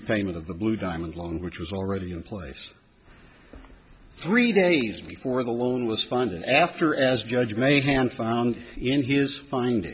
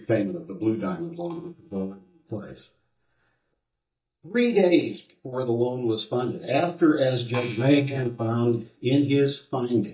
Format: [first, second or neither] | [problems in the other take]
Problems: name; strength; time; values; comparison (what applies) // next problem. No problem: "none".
first | noise reduction (neural mask model DeepFilterNet 3)